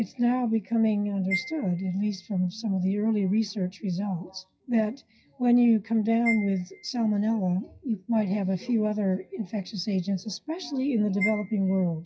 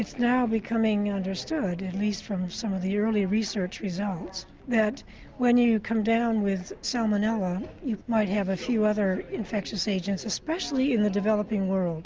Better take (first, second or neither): second